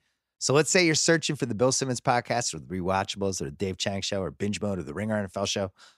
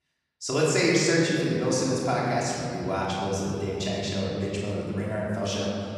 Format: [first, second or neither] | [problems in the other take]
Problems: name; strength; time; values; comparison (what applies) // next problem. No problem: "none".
first | off-mic speech; far // room echo; strong; dies away in 2.9 s